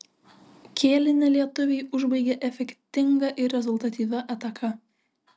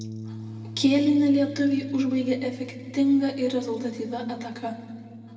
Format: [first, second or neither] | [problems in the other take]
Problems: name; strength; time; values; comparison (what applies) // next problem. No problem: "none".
first | background sound (Bass guitar); 15 dB below the speech // room echo; dies away in 2.1 s